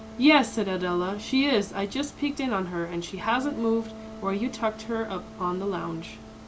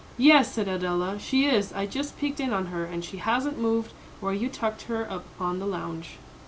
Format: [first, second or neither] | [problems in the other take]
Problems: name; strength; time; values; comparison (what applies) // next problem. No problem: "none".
second | background sound (Wind instrument, woodwind instrument); 17 dB below the speech